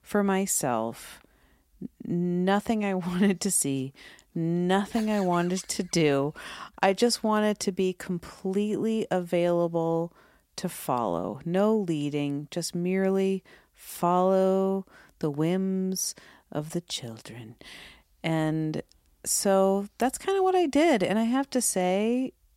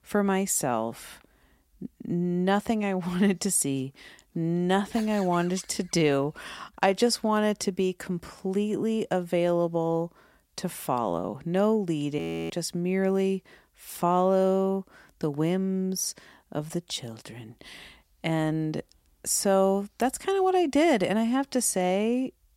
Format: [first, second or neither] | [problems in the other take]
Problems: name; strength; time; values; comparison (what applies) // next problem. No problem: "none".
first | audio freezing; at 12 s